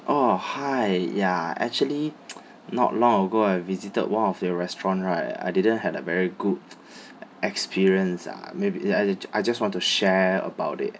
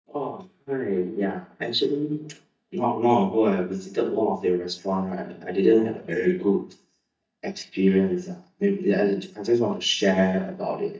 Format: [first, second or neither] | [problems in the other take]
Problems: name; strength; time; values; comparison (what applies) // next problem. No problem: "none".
first | noise reduction (neural mask model DeepFilterNet 3)